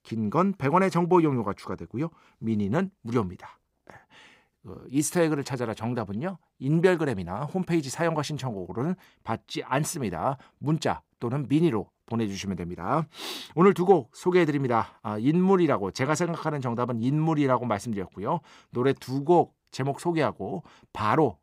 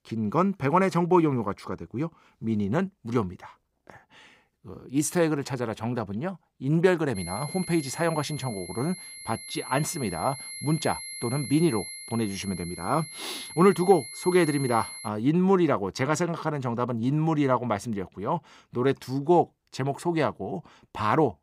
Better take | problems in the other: first | high-pitched whine; noticeable; from 7 to 15 s; 2 kHz, 10 dB below the speech

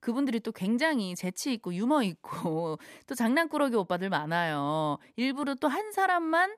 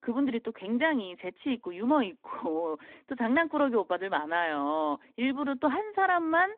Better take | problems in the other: first | phone-call audio

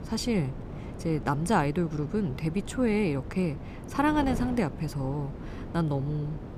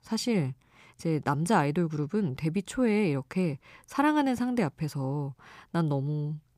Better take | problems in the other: second | wind noise on the microphone; occasional gusts; 15 dB below the speech

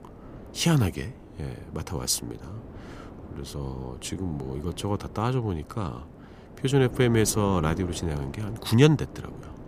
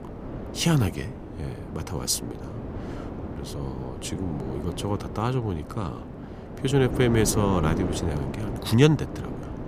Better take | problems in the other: first | wind noise on the microphone; heavy; 9 dB below the speech; occasional gusts in the first

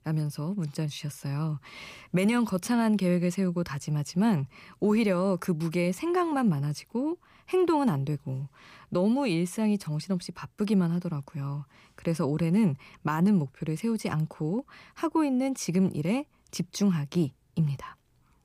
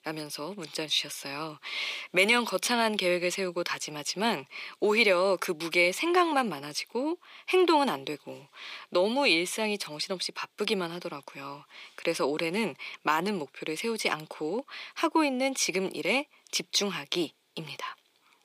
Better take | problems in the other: first | thin; somewhat; fading below 350 Hz

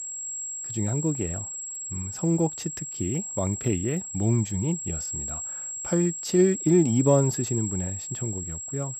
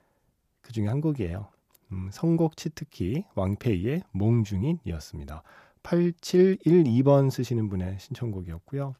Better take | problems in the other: second | high-pitched whine; loud; throughout; 7.5 kHz, 6 dB below the speech

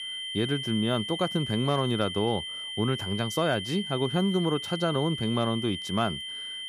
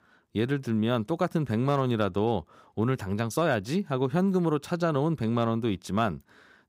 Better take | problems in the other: second | high-pitched whine; loud; throughout; 3 kHz, 5 dB below the speech

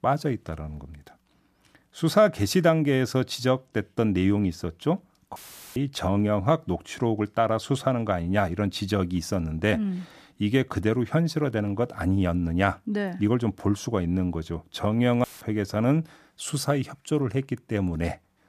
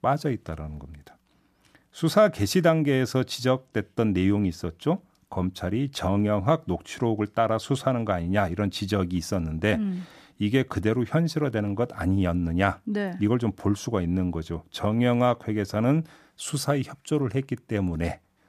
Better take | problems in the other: second | audio cutting out; filled with static; at 5.5 s and at 15 s

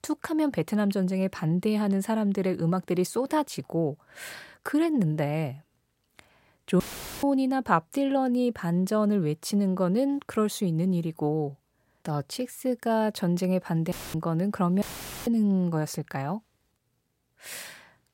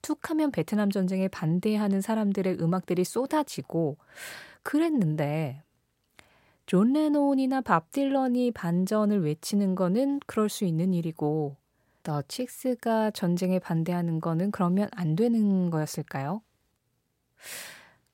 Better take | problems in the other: second | audio cutting out; filled with static; at 7 s, at 14 s and at 15 s

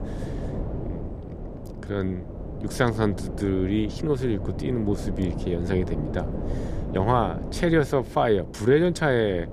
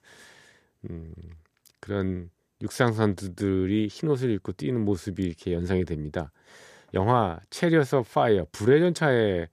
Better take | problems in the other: second | wind noise on the microphone; occasional gusts; 15 dB below the speech

